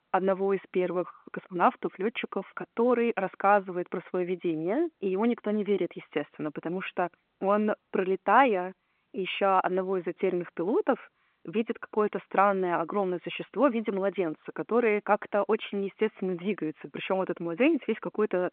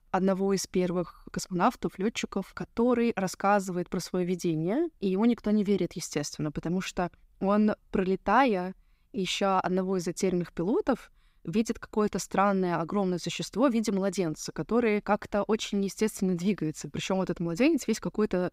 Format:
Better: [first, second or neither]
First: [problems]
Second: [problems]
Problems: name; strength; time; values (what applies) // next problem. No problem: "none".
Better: second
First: phone-call audio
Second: none